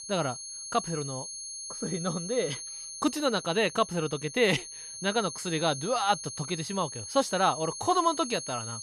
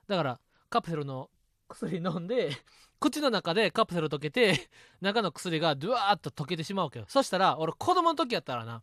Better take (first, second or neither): second